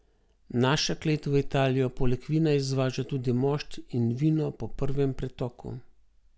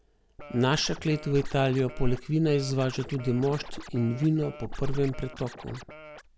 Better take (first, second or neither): first